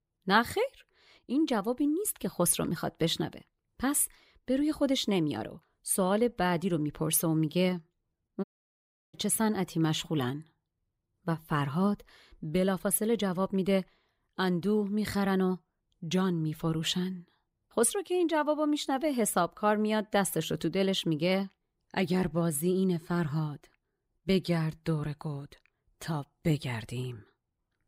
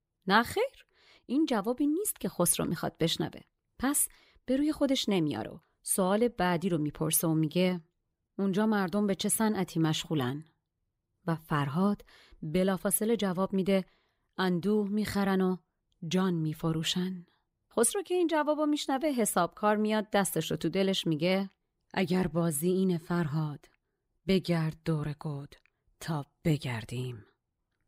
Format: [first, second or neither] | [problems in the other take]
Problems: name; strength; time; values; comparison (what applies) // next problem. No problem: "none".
second | audio cutting out; at 8.5 s for 0.5 s